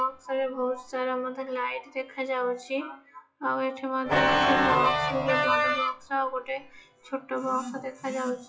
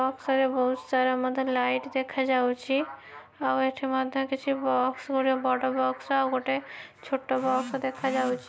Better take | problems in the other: second | noise reduction (classical method WPE with log-MMSE)

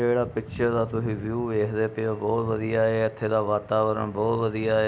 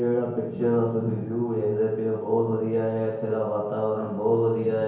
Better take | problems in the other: first | room echo; dies away in 1 s

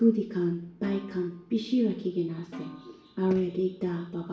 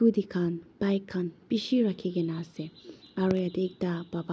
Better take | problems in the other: second | background sound (Snare drum); 19 dB below the speech // room echo; dies away in 0.5 s

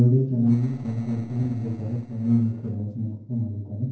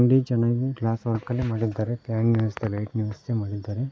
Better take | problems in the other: second | noise reduction (neural separator model SepFormer DNS4)

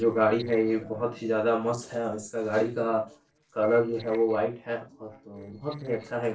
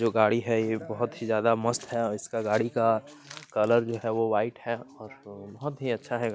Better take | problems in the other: second | noise reduction (neural separator model SepFormer DNS4)

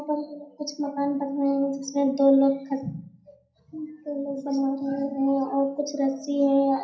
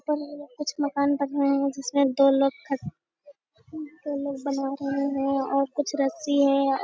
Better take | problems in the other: second | room echo; dies away in 0.6 s

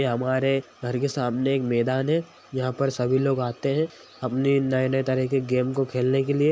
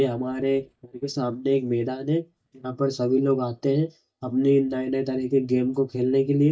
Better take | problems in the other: first | noise reduction (neural mask model DeepFilterNet 3)

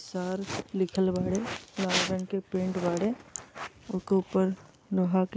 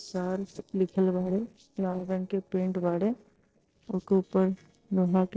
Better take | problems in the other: first | noise reduction (neural separator model SepFormer DNS4)

